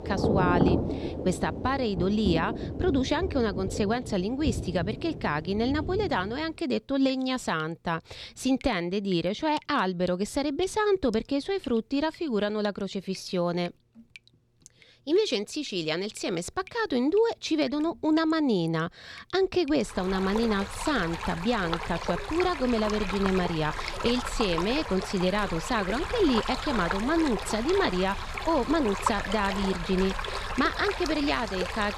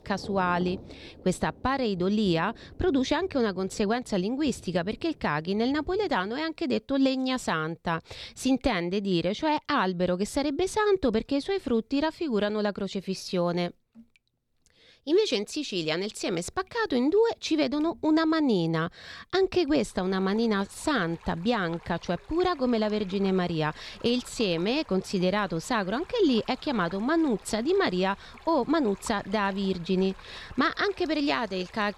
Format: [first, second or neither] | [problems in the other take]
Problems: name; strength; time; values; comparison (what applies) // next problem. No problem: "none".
second | rain or running water; loud; throughout; 5 dB below the speech; faint in the second